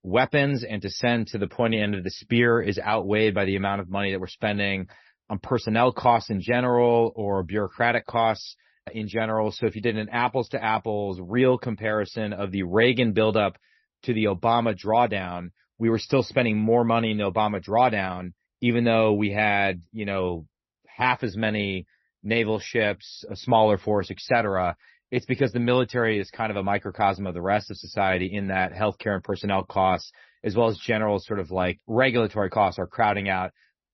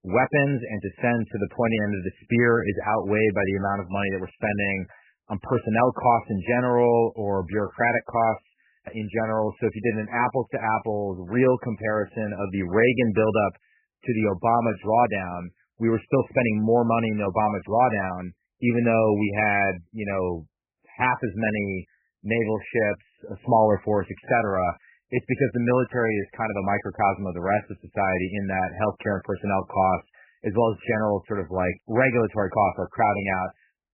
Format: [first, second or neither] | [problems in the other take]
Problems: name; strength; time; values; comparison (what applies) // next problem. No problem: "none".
first | garbled, watery; badly; nothing above 2.5 kHz; slightly in the first